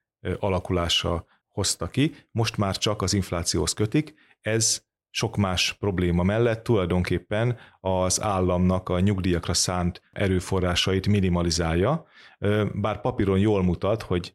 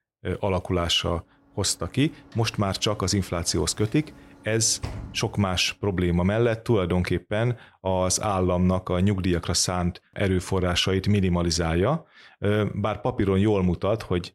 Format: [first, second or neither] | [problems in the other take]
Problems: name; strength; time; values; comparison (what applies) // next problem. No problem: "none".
first | door banging; faint; at 5 s; peak 10 dB below the speech